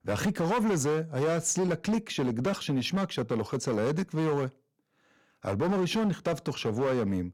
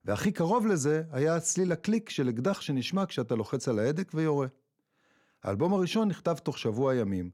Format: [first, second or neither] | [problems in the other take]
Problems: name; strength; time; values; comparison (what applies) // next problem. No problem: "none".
second | distortion; slight; 15% of the sound clipped